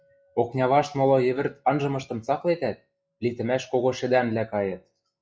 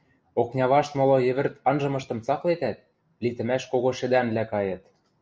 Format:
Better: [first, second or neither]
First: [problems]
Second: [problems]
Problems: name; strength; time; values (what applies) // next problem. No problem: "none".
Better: second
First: noise reduction (classical method log-MMSE)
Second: none